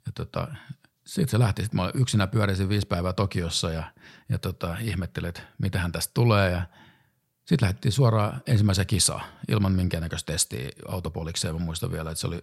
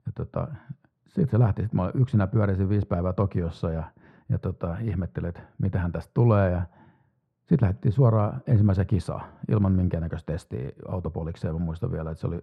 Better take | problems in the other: first | muffled; very; fading above 2.5 kHz

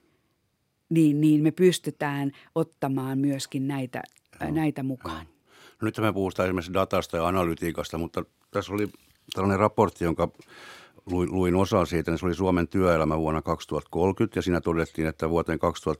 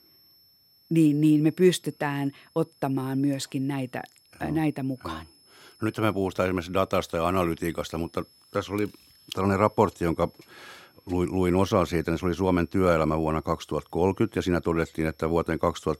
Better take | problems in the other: first | high-pitched whine; faint; throughout; 5.5 kHz, 30 dB below the speech

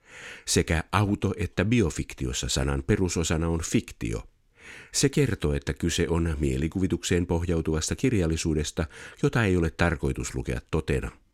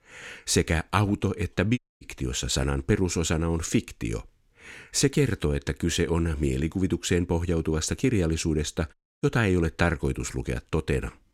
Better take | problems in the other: first | audio cutting out; at 2 s and at 9 s

